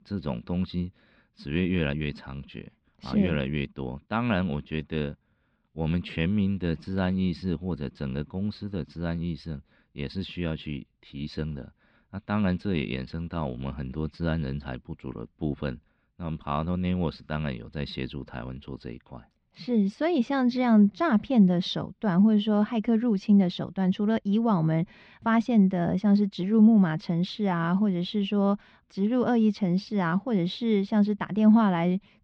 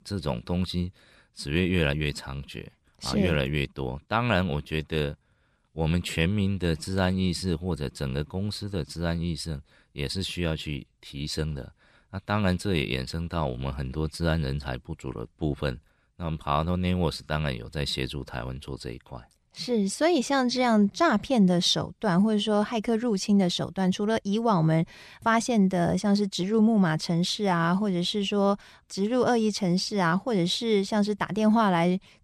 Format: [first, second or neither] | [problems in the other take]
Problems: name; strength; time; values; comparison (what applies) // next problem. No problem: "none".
second | muffled; slightly; fading above 3.5 kHz